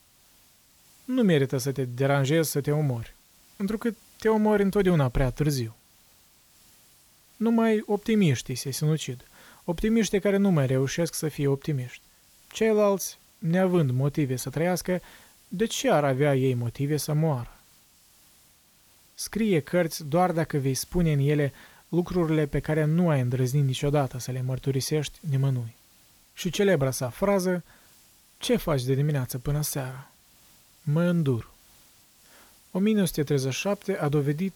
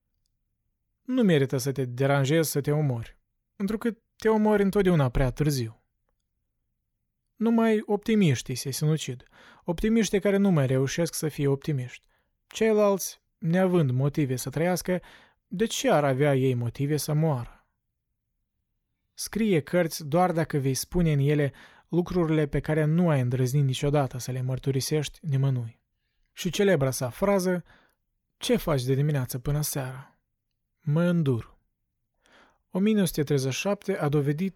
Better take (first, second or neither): second